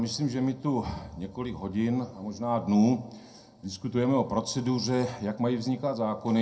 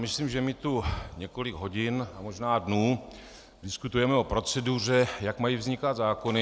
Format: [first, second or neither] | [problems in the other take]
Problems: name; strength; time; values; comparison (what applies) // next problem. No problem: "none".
second | room echo; dies away in 0.2 s